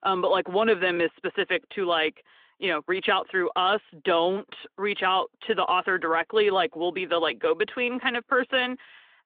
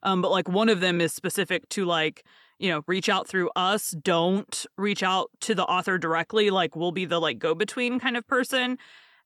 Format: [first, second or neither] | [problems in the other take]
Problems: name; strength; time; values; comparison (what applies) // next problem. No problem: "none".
second | phone-call audio